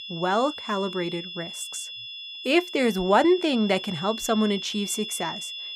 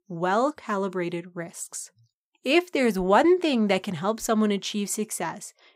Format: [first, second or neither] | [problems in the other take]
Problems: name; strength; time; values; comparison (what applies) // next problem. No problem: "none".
second | high-pitched whine; loud; throughout; 3.5 kHz, 9 dB below the speech